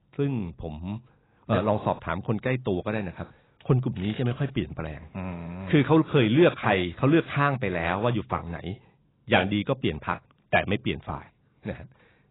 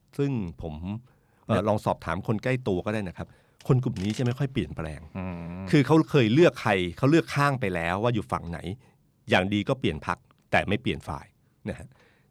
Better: second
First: garbled, watery; badly; nothing above 3.5 kHz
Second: none

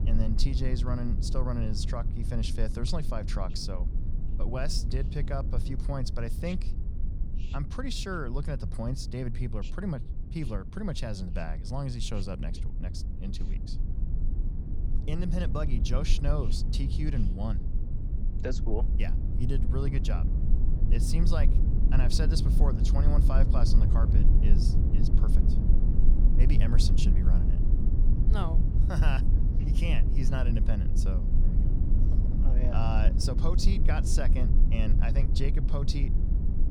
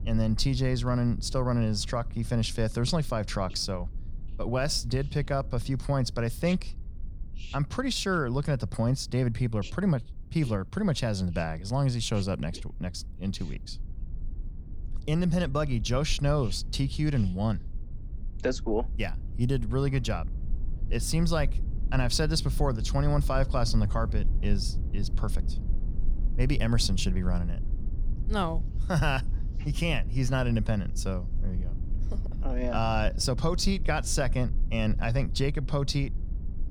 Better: second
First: low rumble; loud; throughout; 6 dB below the speech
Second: low rumble; faint; throughout; 20 dB below the speech

